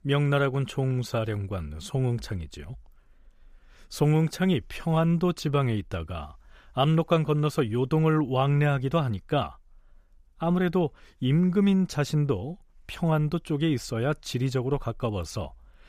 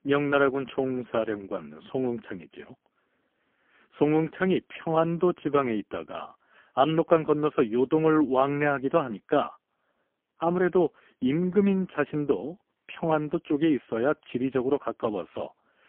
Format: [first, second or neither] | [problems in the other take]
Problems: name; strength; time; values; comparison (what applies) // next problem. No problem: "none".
first | phone-call audio; poor line; nothing above 3.5 kHz